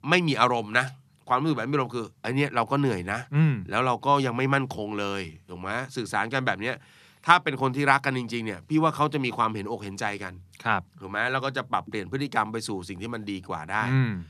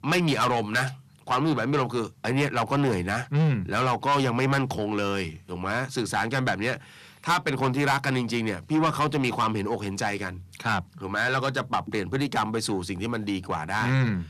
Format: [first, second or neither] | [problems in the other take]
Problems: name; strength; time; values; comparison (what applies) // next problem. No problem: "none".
first | distortion; heavy; 6 dB below the speech